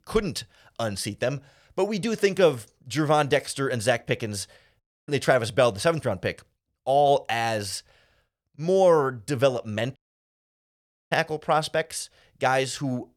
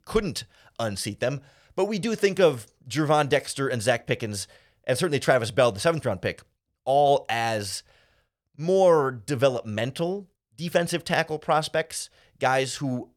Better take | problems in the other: second | audio cutting out; at 5 s and at 10 s for 1 s

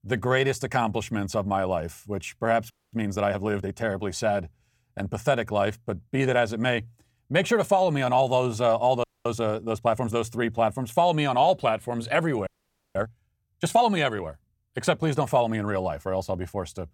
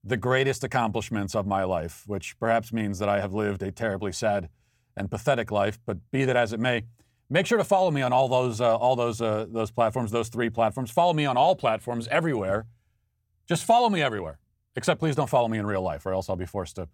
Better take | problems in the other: second | audio freezing; at 2.5 s, at 9 s and at 12 s

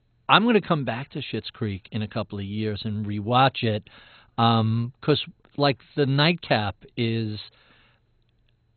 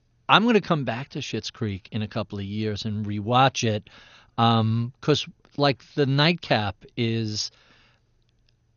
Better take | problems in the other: second | garbled, watery; badly; nothing above 4 kHz; slightly in the second

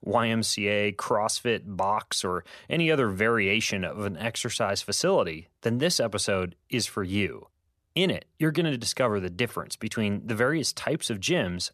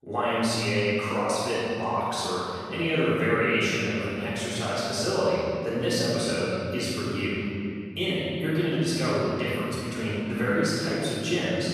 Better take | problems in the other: first | off-mic speech; far // room echo; strong; dies away in 2.3 s

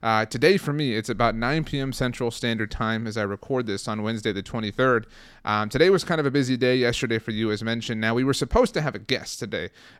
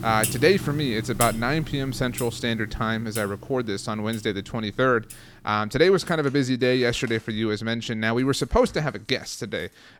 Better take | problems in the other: first | household noises; noticeable; throughout; 10 dB below the speech

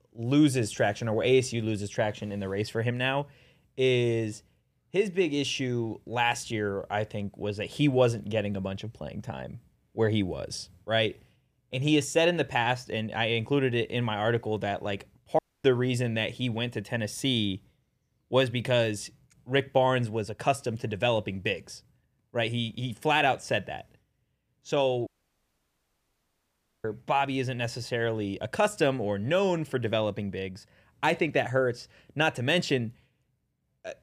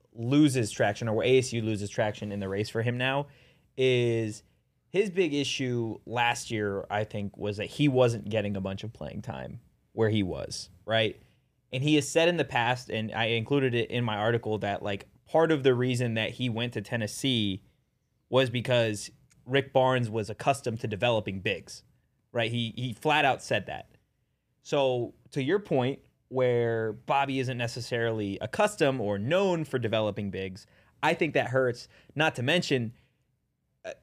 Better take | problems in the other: second | audio cutting out; at 15 s and at 25 s for 2 s

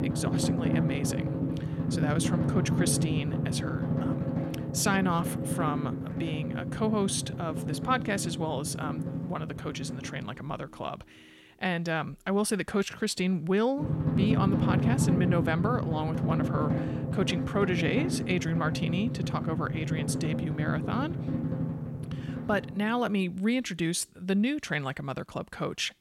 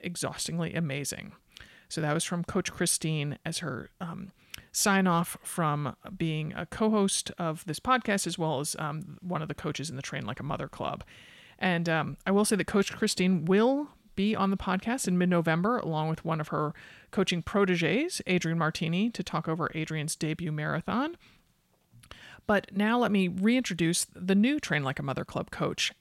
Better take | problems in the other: second | background music; very loud; throughout; as loud as the speech

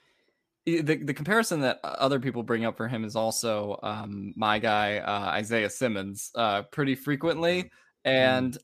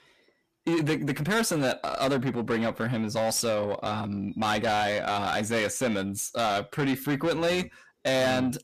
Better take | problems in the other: first | distortion; heavy; 7 dB below the speech

